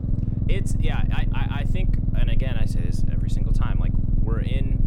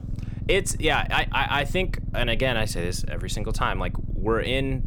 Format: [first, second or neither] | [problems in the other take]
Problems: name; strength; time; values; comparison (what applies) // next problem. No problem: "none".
second | low rumble; loud; throughout; 1 dB below the speech; faint in the second